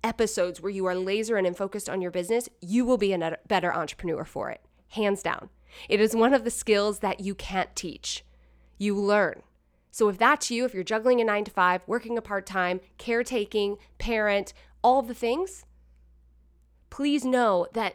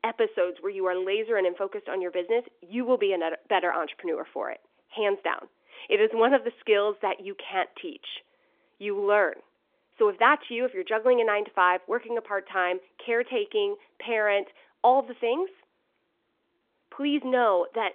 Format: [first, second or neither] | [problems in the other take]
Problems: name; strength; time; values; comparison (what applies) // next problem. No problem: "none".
first | phone-call audio; nothing above 3.5 kHz